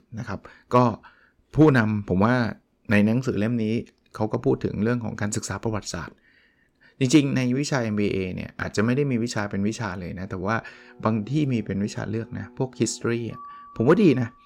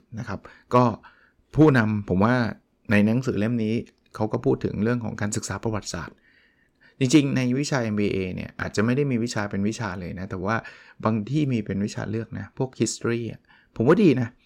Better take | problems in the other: second | background music; faint; from 11 s on; 25 dB below the speech

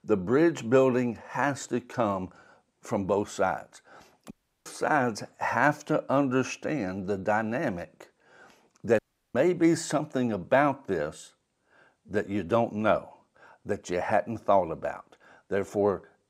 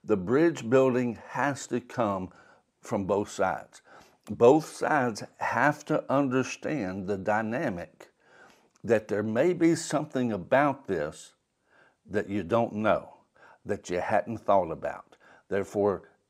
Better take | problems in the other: second | audio cutting out; at 4.5 s and at 9 s

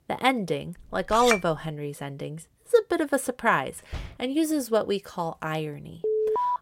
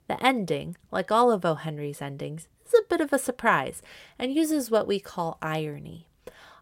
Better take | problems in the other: second | clattering dishes; noticeable; at 1 s; peak level with the speech // door banging; faint; at 4 s; peak 15 dB below the speech // alarm; loud; at 6 s; peak 2 dB above the speech

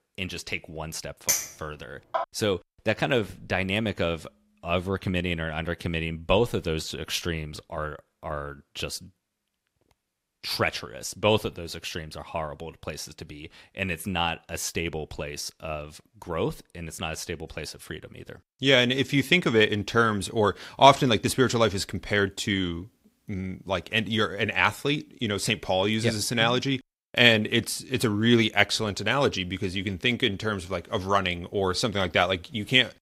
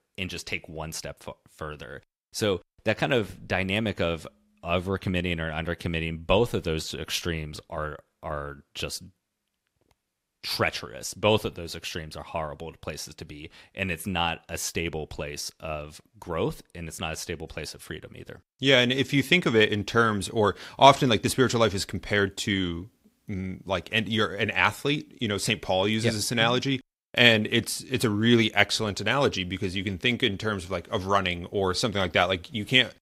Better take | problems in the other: second | clattering dishes; loud; at 1.5 s; peak 1 dB above the speech

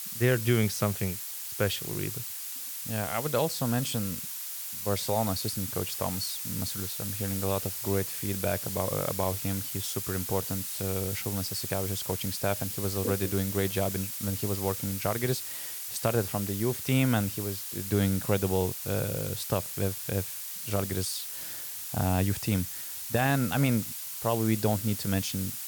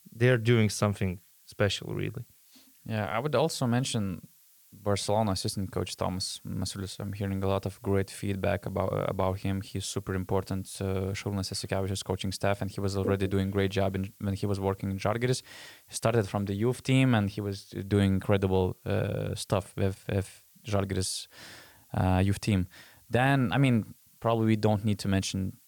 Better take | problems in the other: second | hiss; loud; throughout; 3 dB below the speech; faint in the second

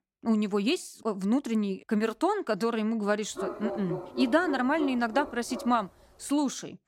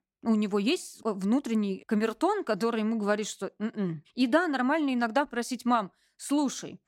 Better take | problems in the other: second | dog barking; noticeable; from 3.5 to 5.5 s; peak 7 dB below the speech

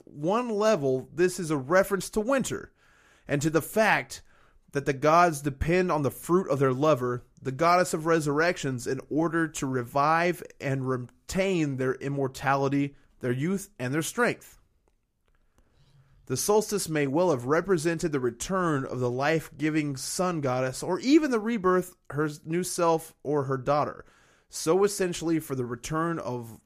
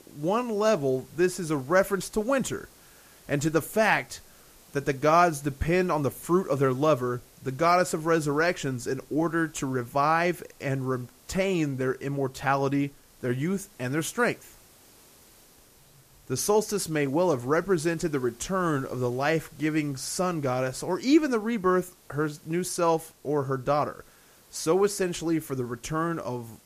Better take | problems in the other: first | hiss; faint; throughout; 25 dB below the speech

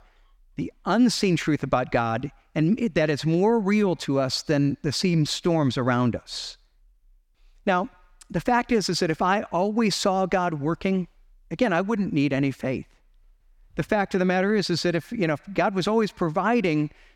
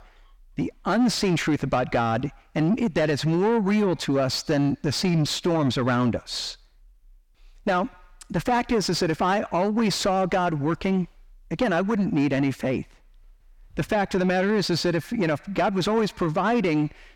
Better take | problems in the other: first | distortion; slight; 10 dB below the speech

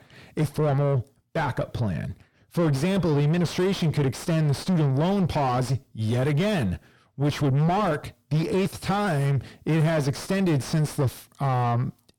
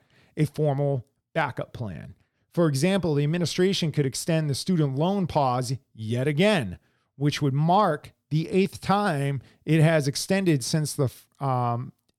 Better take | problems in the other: second | distortion; heavy; 6 dB below the speech

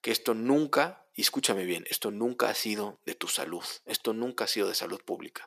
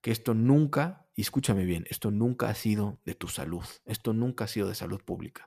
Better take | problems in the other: second | thin; somewhat; fading below 350 Hz

